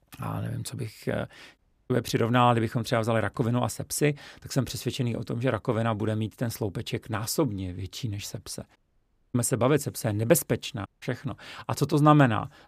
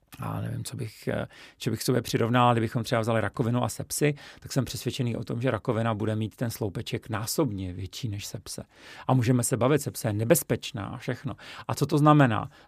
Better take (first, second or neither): second